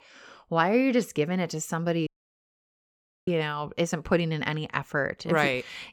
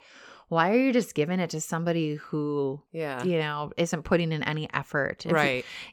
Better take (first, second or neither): second